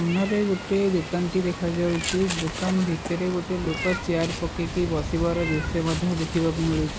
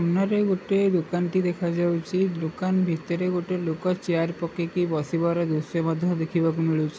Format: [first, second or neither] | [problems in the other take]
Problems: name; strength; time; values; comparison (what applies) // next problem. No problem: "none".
second | background sound (Meow); 7 dB below the speech